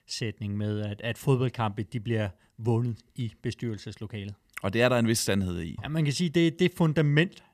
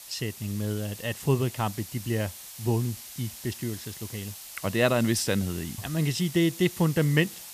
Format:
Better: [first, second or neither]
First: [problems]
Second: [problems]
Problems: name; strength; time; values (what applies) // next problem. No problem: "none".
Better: first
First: none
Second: hiss; noticeable; throughout; 10 dB below the speech